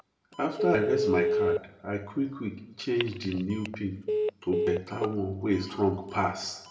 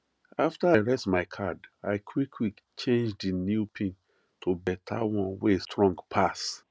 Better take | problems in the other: second | background sound (Telephone); 2 dB below the speech // room echo; dies away in 0.6 s

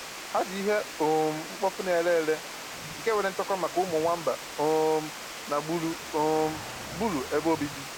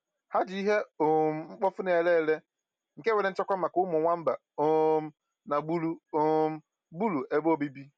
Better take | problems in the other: second | background sound (Water); 10 dB below the speech

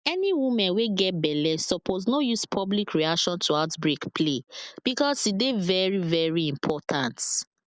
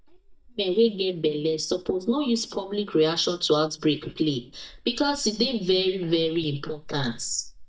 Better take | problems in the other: first | noise reduction (neural mask model DeepFilterNet 3)

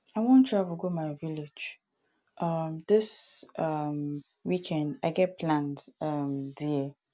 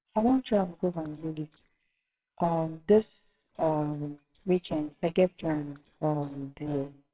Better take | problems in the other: first | noise reduction (neural separator model SepFormer WHAMR!)

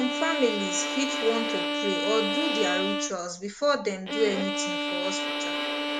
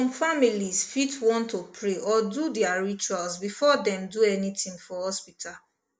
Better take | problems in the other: second | background sound (Bowed string instrument); as loud as the speech

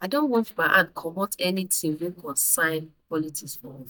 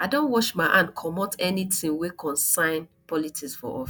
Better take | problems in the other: second | noise reduction (neural mask model DeepFilterNet 3)

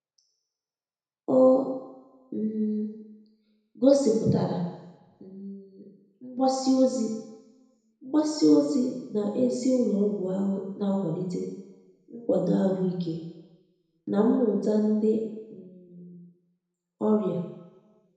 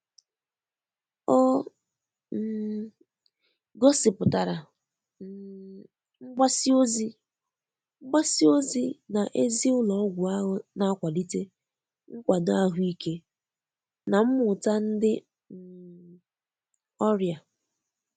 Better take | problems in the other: second | room echo; dies away in 1 s

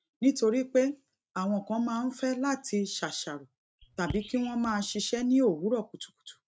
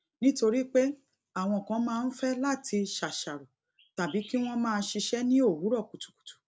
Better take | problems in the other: second | noise reduction (neural mask model RNNoise)

